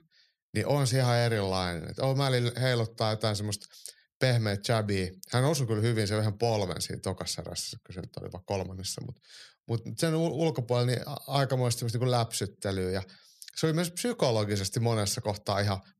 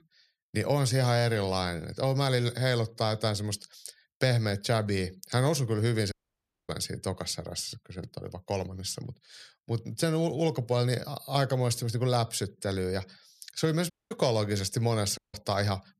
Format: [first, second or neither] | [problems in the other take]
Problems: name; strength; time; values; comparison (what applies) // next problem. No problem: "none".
first | audio cutting out; at 6 s for 0.5 s, at 14 s and at 15 s